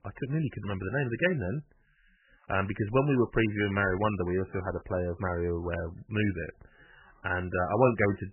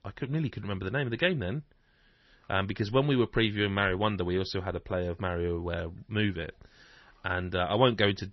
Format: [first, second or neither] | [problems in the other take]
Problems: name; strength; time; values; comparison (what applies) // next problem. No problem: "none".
second | garbled, watery; badly; nothing above 3 kHz; slightly in the second